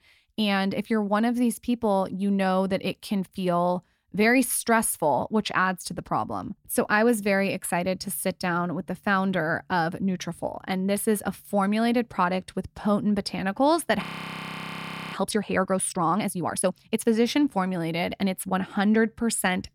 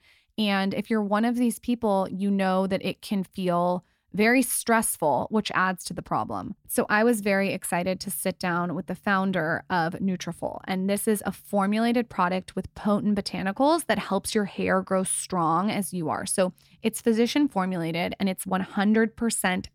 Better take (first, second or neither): second